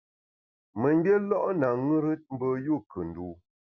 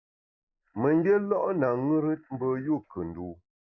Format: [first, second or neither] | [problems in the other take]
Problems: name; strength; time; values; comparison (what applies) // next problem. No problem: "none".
first | noise reduction (neural mask model Resemble Enhance denoiser)